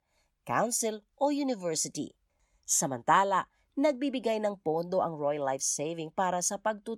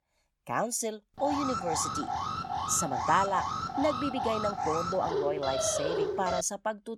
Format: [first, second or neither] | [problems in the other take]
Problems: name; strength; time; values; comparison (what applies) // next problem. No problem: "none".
first | alarm; loud; from 1 to 6.5 s; peak 1 dB above the speech